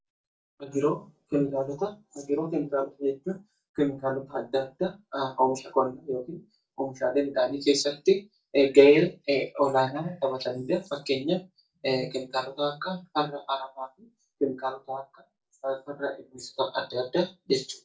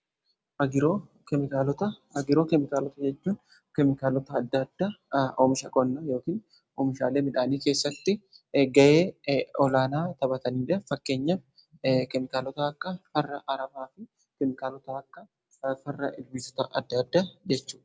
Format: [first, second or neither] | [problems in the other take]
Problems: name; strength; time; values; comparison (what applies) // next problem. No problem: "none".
second | noise reduction (neural mask model DeepFilterNet 3)